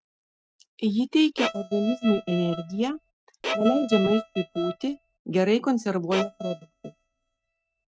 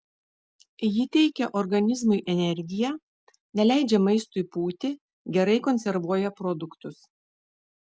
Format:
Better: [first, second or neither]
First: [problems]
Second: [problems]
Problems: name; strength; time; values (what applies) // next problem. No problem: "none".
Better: second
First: noise reduction (neural mask model RNNoise)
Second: none